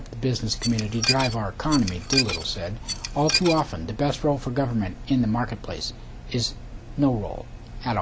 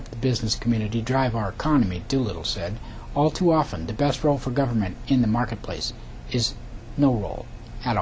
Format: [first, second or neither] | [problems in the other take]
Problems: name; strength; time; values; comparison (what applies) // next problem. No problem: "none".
second | background sound (Dishes, pots, and pans / Glass); 4 dB below the speech